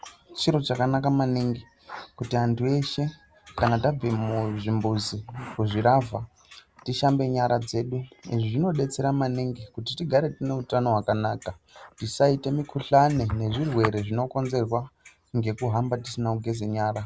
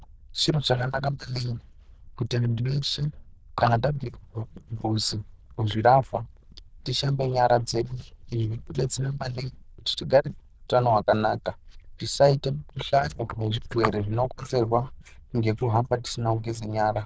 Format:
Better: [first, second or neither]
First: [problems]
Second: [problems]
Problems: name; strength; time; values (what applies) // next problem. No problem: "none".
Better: first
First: none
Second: noise reduction (neural diffusion model UNIVERSE++)